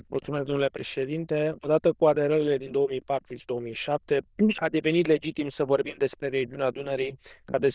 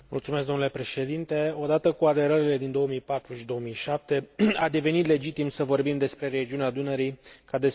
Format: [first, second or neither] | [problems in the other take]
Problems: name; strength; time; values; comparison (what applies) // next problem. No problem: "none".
second | noise reduction (neural diffusion model UNIVERSE++)